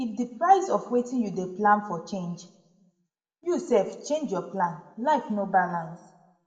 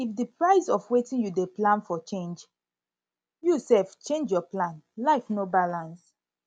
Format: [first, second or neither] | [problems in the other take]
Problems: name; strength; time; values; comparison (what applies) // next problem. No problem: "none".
second | room echo; dies away in 0.6 s